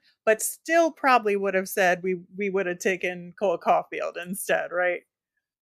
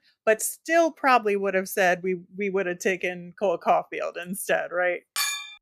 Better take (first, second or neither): first